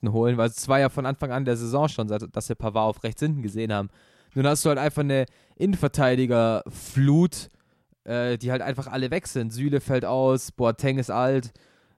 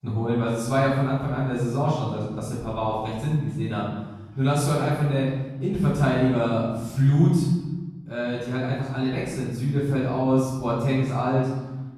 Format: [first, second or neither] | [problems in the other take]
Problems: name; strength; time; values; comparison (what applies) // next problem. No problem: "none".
first | off-mic speech; far // room echo; strong; dies away in 1.2 s